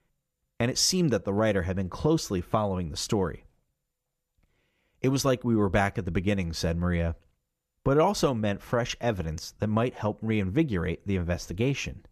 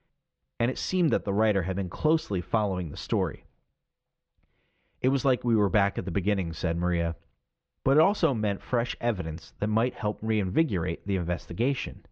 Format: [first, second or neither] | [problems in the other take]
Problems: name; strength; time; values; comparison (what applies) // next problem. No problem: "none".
first | muffled; slightly; fading above 4 kHz